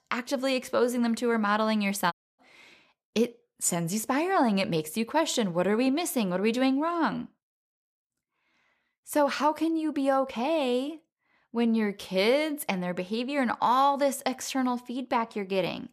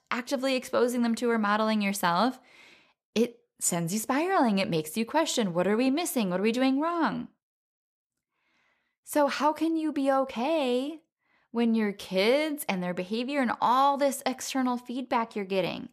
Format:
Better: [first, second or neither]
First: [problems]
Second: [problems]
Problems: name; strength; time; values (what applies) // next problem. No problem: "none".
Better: second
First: audio cutting out; at 2 s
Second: none